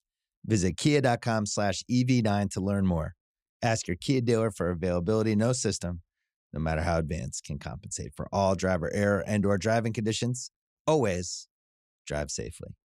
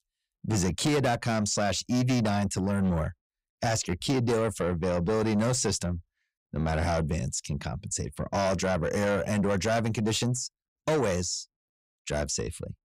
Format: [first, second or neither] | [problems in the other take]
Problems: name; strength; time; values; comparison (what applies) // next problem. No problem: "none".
first | distortion; heavy; 8 dB below the speech